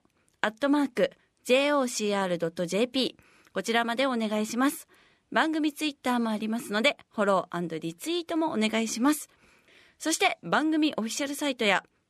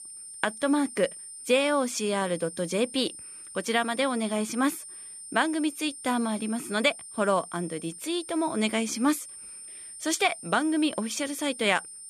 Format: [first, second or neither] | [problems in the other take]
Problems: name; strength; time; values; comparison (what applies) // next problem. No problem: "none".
first | high-pitched whine; noticeable; throughout; 9 kHz, 10 dB below the speech